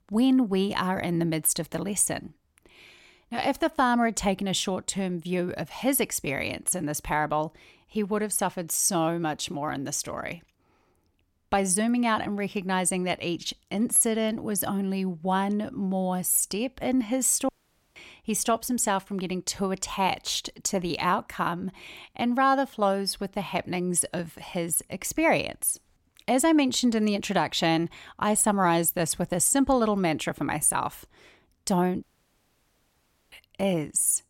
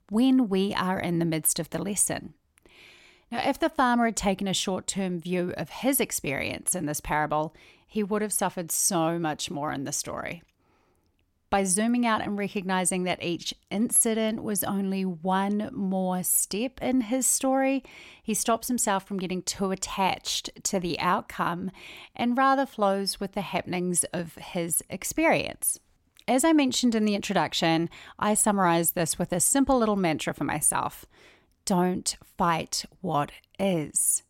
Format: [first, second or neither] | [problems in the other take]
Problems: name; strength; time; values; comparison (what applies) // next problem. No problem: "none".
second | audio cutting out; at 17 s and at 32 s for 1.5 s